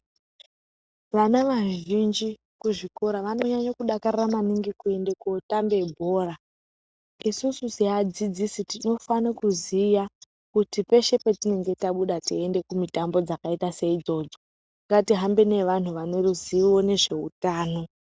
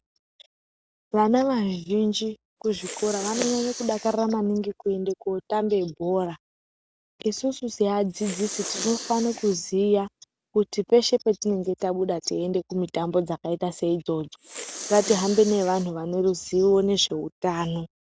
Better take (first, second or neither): first